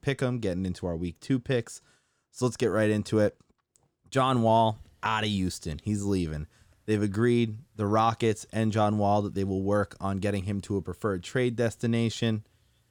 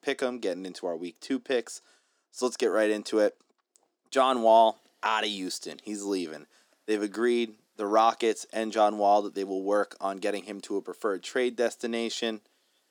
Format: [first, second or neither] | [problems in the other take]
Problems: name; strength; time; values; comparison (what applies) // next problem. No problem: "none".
first | thin; somewhat; fading below 250 Hz